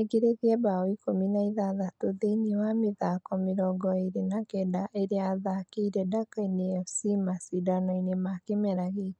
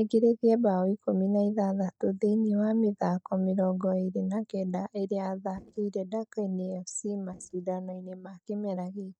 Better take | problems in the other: first | noise reduction (neural mask model DeepFilterNet 3)

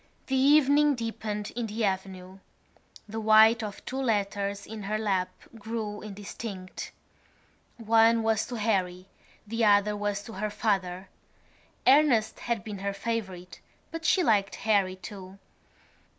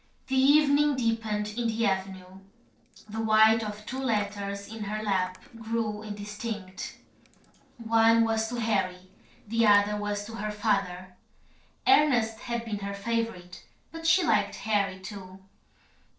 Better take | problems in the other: first | noise reduction (neural separator model SepFormer DNS4)

